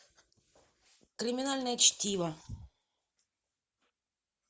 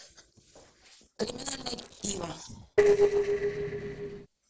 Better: first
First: none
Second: noise reduction (neural separator model SepFormer DNS4)

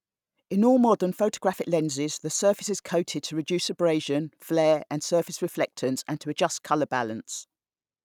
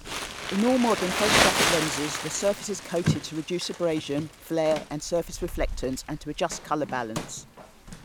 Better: first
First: none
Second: background sound (Crumpling, crinkling); 2 dB below the speech

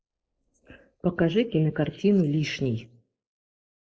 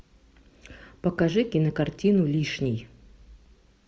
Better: second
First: noise reduction (neural mask model Resemble Enhance denoiser)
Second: none

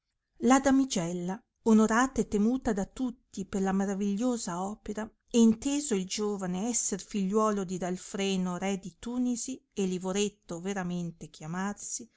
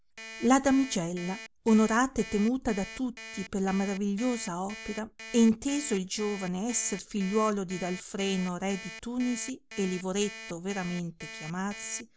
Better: first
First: none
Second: background sound (Alarm); 15 dB below the speech

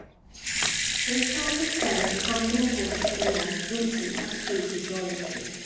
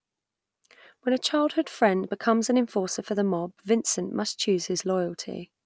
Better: second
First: background sound (Sink (filling or washing) / Water tap, faucet / Liquid); 1 dB above the speech // room echo; dies away in 1.3 s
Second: none

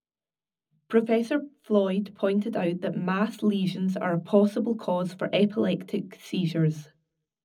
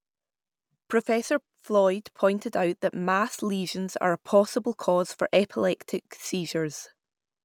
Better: second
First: room echo; dies away in 0.4 s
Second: none

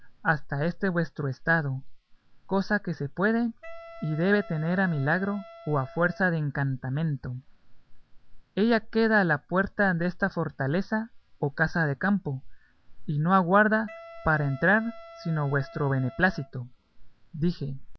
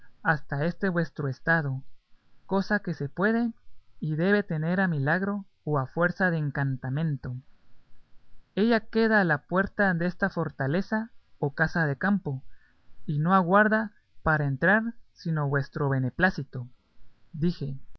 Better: second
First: background sound (Wind instrument, woodwind instrument); 19 dB below the speech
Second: none

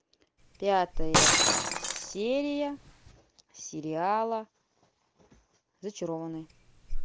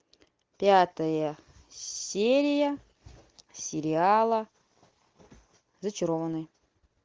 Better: second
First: background sound (Shatter); 2 dB above the speech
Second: none

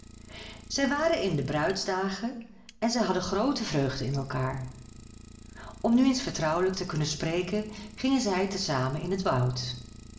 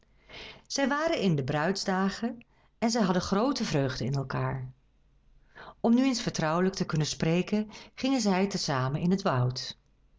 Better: second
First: background sound (Idling); 19 dB below the speech // room echo; dies away in 0.7 s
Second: none

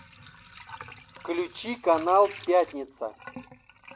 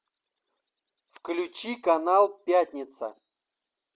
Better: second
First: background sound (Sink (filling or washing) / Water); 18 dB below the speech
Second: none

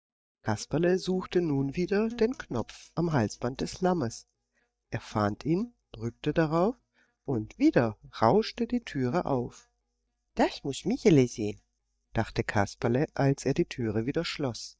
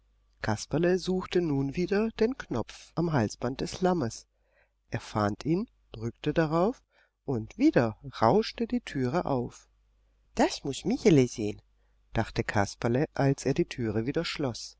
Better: second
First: noise reduction (neural mask model DeepFilterNet 3)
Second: none

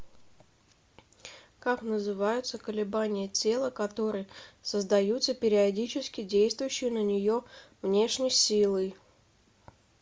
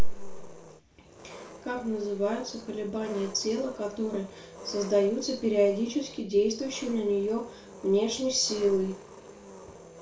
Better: first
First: none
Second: background sound (Engine); 18 dB below the speech // room echo; dies away in 0.3 s

